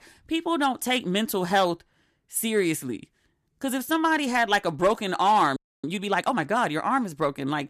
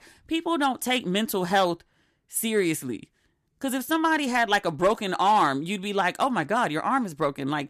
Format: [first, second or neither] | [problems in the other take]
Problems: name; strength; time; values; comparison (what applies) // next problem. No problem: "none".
second | audio freezing; at 5.5 s